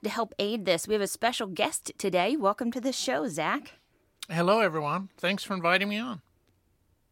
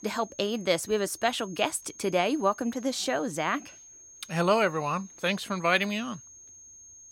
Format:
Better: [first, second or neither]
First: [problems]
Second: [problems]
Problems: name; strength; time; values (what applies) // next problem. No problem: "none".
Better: first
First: none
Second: high-pitched whine; noticeable; throughout; 6.5 kHz, 20 dB below the speech